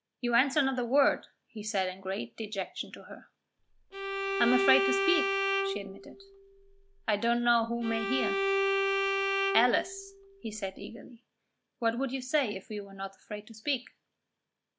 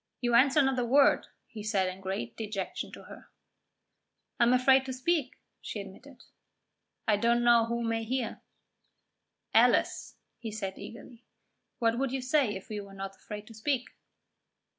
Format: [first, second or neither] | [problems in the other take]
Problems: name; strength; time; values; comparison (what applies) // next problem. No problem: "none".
second | background sound (Bowed string instrument); 1 dB above the speech